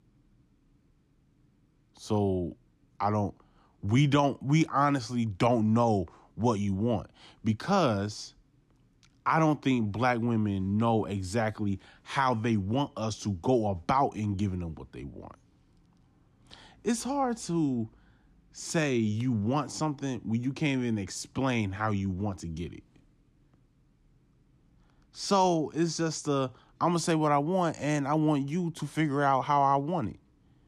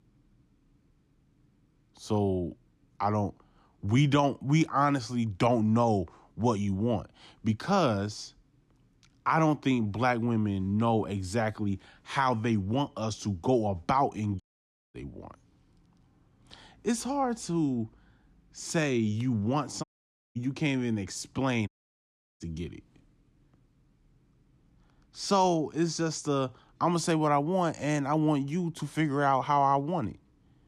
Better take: first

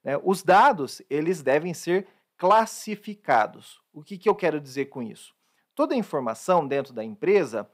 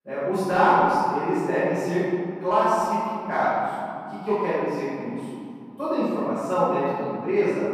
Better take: first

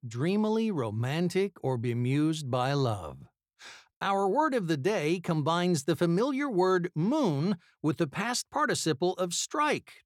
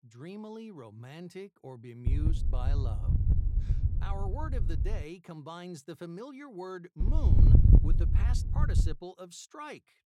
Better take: first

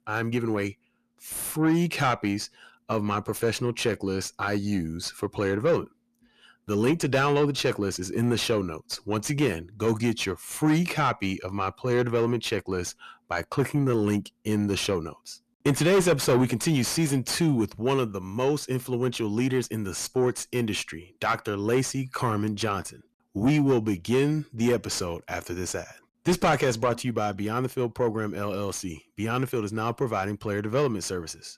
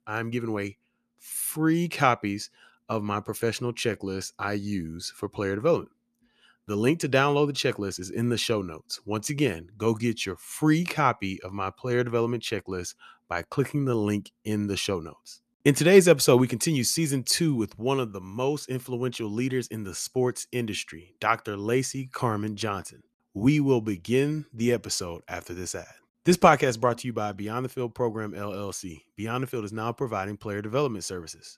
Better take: second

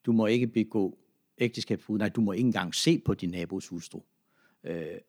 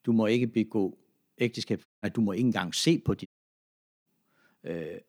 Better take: first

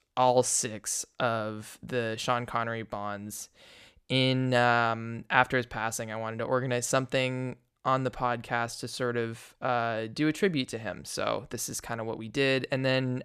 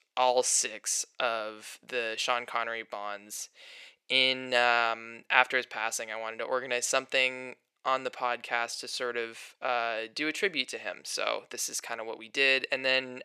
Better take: first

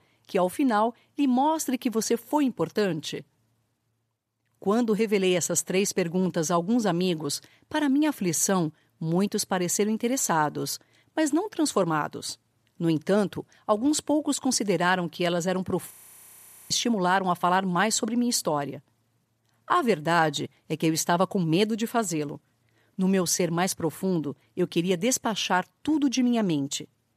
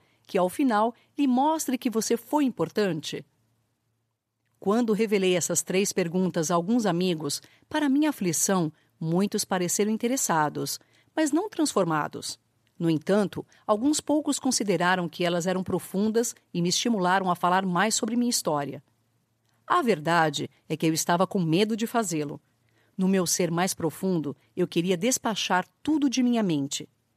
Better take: second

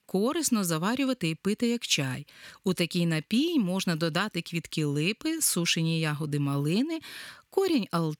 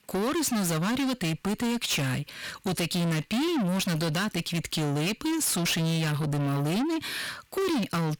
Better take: first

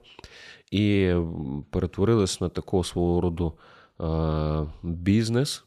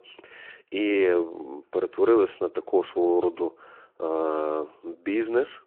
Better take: first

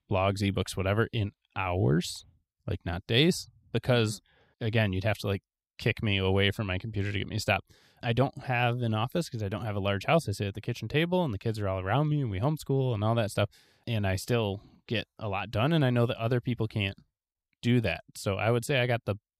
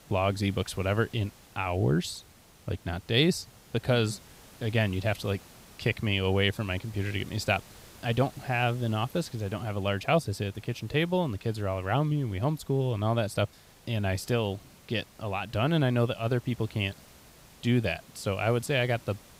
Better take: first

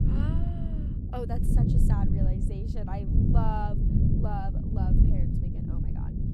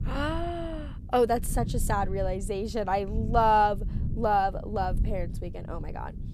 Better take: second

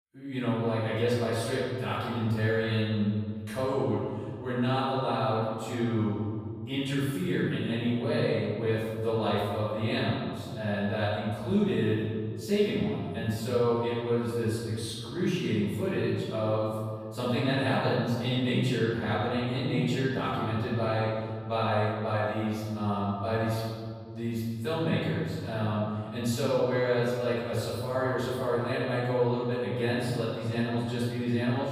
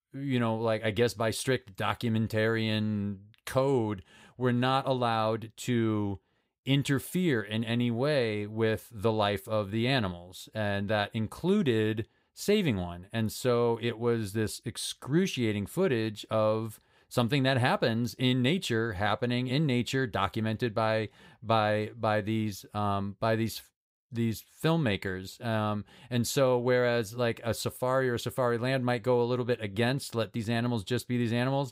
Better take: second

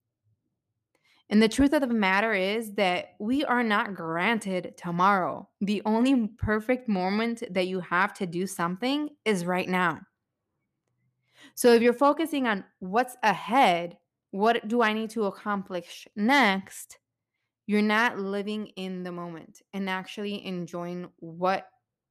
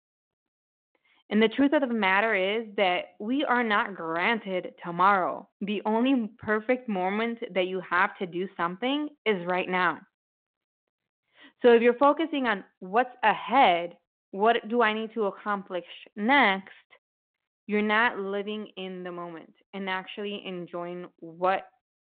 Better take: first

